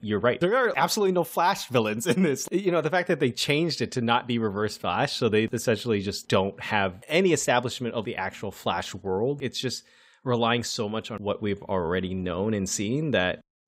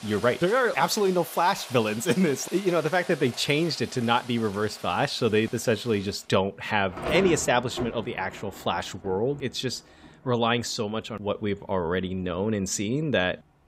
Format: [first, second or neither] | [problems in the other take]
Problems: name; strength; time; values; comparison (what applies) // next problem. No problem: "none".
first | rain or running water; noticeable; throughout; 15 dB below the speech